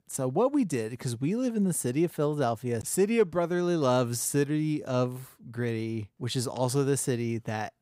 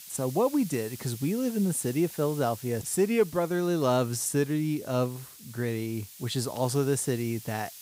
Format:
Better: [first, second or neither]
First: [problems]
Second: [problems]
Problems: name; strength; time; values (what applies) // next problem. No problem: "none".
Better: first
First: none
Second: hiss; noticeable; throughout; 15 dB below the speech